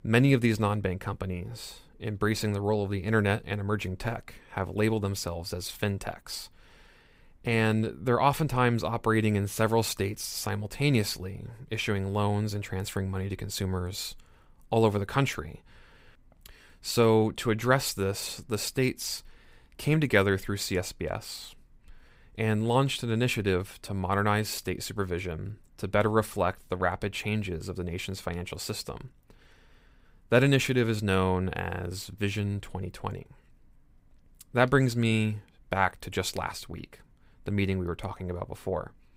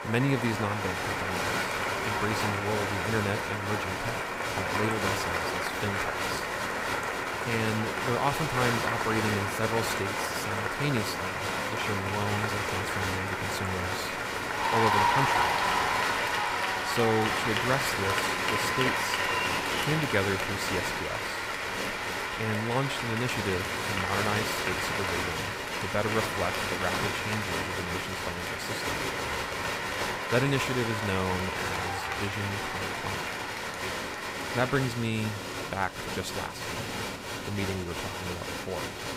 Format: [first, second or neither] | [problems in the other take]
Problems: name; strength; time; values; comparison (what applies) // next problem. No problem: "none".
first | crowd noise; very loud; throughout; 3 dB above the speech